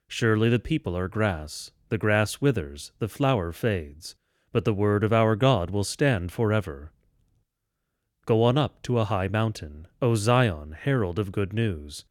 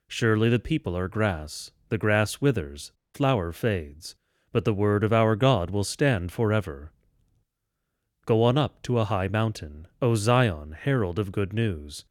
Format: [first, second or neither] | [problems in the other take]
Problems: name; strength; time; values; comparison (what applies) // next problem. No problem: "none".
first | audio cutting out; at 3 s